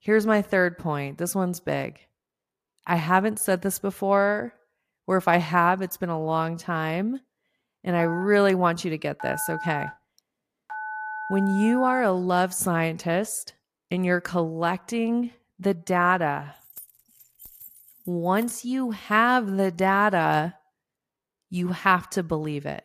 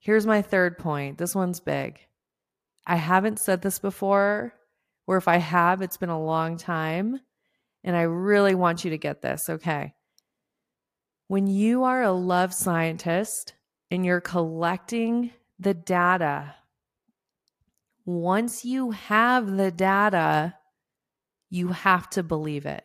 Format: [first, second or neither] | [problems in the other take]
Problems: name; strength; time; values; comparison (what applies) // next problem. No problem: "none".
second | phone ringing; noticeable; from 8 to 12 s; peak 8 dB below the speech // jangling keys; faint; from 17 to 19 s; peak 20 dB below the speech